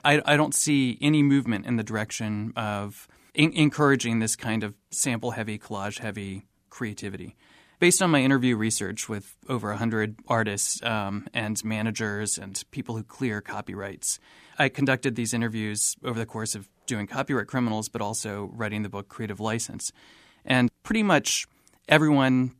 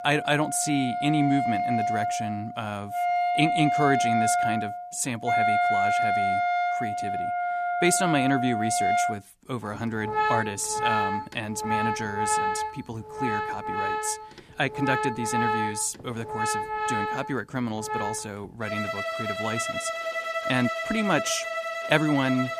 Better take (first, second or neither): first